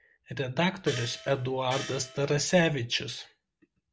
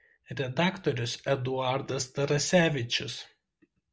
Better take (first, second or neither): second